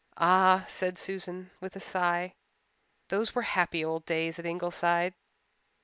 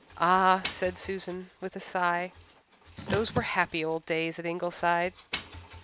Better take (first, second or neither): first